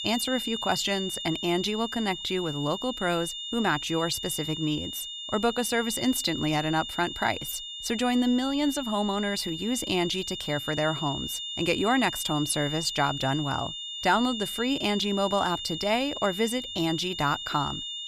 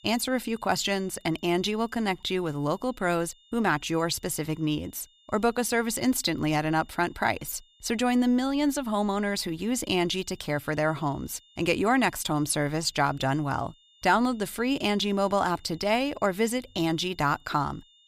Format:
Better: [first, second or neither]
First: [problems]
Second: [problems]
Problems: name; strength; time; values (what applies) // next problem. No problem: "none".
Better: second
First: high-pitched whine; loud; throughout; 3.5 kHz, 6 dB below the speech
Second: high-pitched whine; faint; throughout; 3.5 kHz, 30 dB below the speech